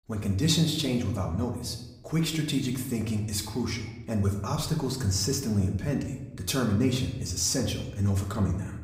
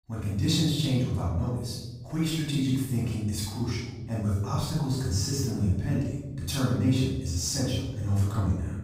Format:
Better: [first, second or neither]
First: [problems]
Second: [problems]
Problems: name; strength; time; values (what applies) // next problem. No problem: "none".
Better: first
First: room echo; slight; dies away in 0.8 s // off-mic speech; somewhat distant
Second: room echo; strong; dies away in 1.1 s // off-mic speech; far